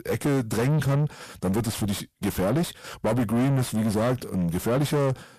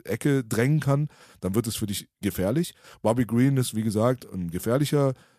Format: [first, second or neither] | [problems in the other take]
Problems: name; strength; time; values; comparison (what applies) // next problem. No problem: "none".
second | distortion; heavy; 7 dB below the speech